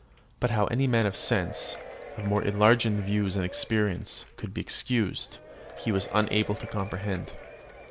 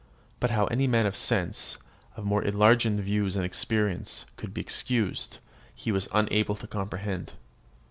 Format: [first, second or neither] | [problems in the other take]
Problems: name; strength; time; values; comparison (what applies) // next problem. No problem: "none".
second | background sound (Applause / Crowd / Cheering); 16 dB below the speech